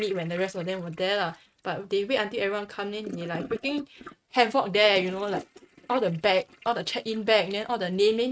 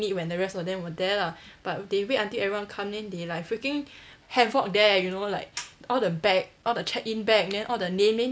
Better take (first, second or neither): second